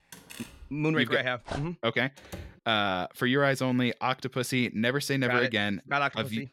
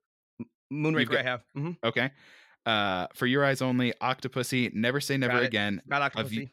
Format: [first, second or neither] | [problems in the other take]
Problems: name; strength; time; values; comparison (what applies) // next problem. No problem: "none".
second | door banging; faint; at the start and at 2 s; peak 15 dB below the speech // dog barking; faint; at 1.5 s; peak 10 dB below the speech